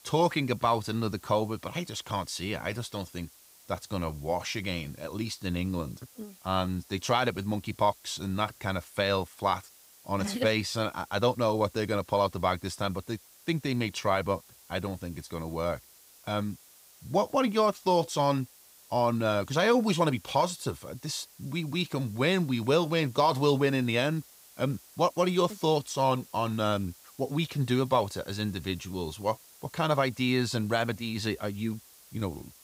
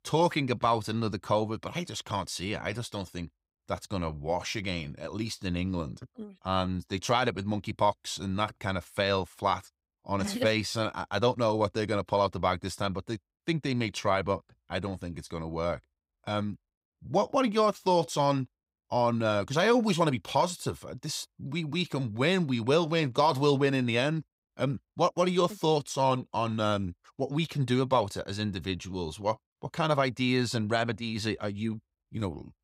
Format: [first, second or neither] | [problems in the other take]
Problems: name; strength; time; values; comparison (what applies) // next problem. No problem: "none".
second | hiss; faint; throughout; 25 dB below the speech